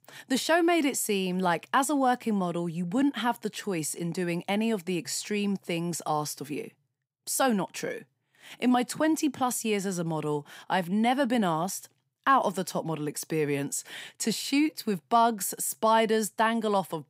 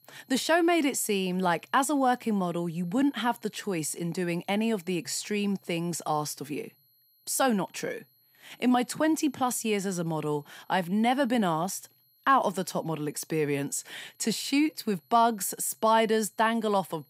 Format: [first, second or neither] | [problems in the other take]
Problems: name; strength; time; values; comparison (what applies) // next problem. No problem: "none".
first | high-pitched whine; faint; throughout; 12 kHz, 35 dB below the speech